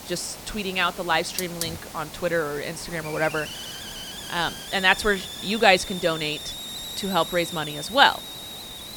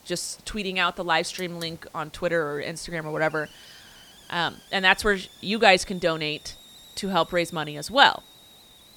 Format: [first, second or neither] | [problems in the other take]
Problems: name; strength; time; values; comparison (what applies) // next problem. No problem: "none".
second | hiss; loud; throughout; 10 dB below the speech; faint in the second